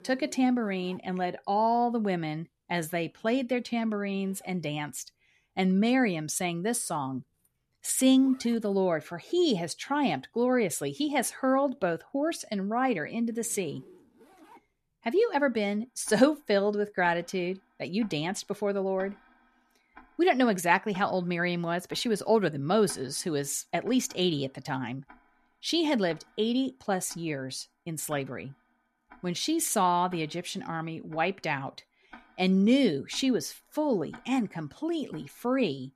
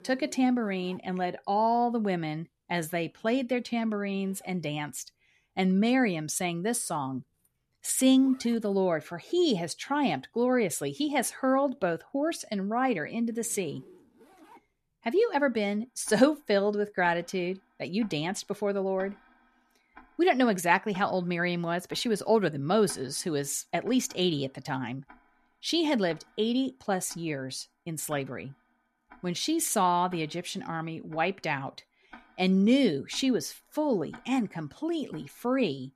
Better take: neither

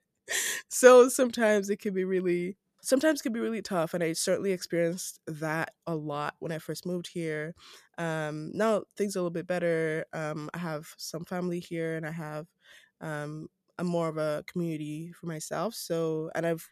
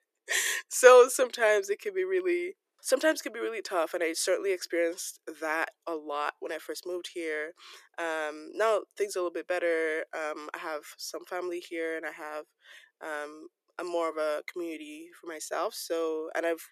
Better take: first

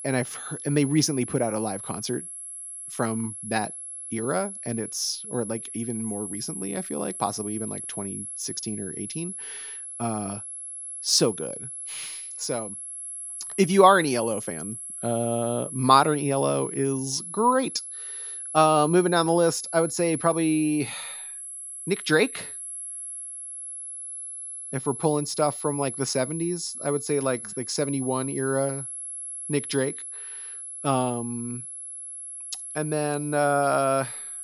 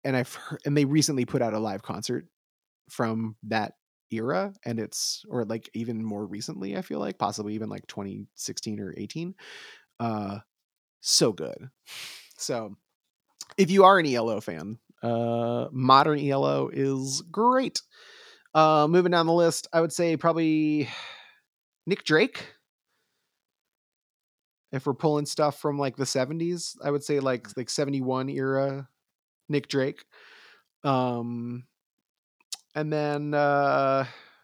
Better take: second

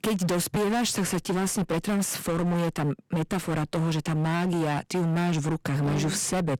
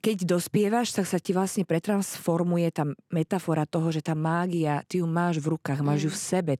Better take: second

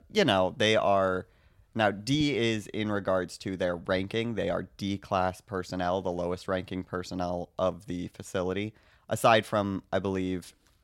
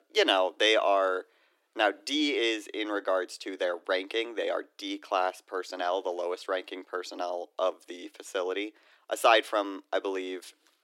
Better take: first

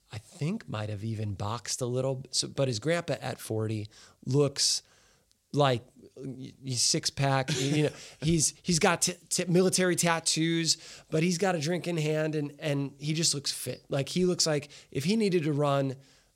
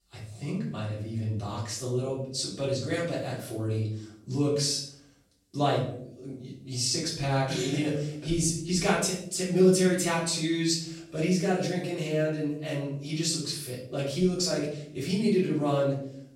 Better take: first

